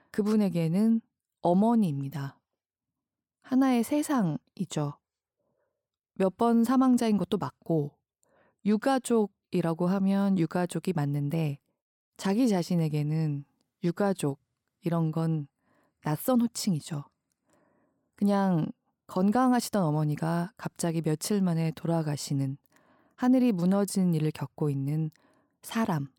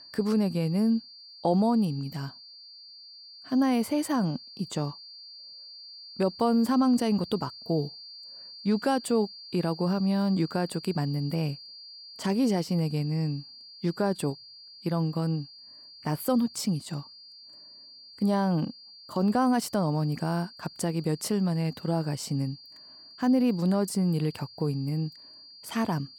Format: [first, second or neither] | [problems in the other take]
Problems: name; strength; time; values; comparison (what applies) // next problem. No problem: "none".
first | high-pitched whine; noticeable; throughout; 4.5 kHz, 15 dB below the speech